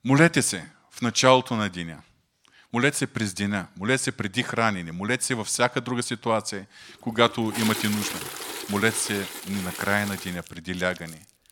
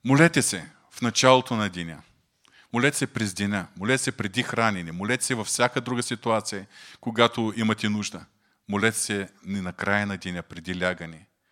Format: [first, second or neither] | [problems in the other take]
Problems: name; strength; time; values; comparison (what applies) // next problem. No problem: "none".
second | household noises; loud; from 6 s on; 8 dB below the speech